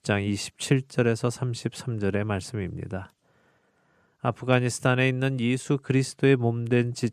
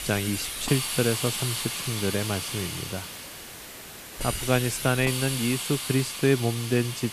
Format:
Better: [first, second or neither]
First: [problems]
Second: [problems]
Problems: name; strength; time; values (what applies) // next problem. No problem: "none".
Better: first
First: none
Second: hiss; loud; throughout; 4 dB below the speech